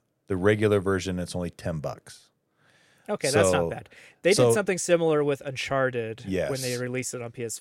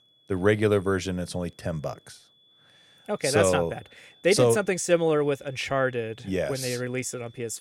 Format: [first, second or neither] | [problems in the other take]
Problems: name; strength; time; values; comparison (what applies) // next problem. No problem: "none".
first | high-pitched whine; faint; throughout; 3.5 kHz, 30 dB below the speech